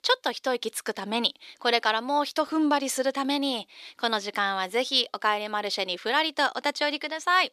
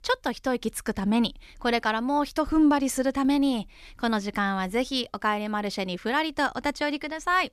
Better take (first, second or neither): second